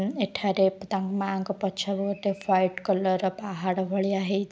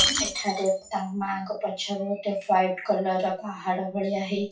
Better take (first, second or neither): first